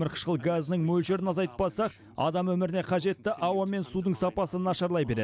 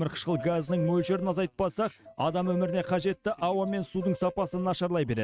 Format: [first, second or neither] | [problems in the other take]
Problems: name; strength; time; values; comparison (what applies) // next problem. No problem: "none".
first | noise reduction (neural mask model RNNoise)